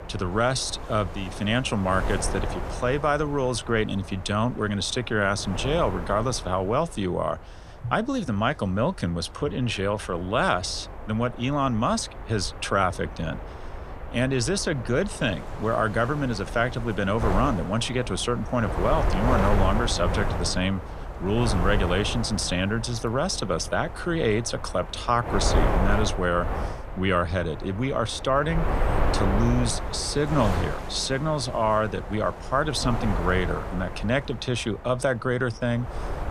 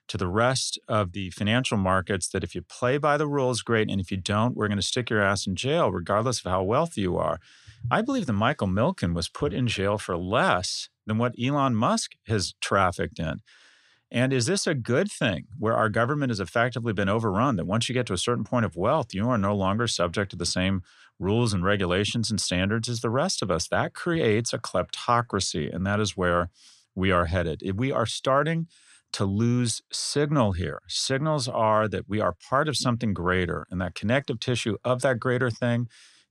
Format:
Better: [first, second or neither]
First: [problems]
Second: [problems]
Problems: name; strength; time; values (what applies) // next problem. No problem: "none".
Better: second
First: wind noise on the microphone; heavy; 8 dB below the speech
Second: none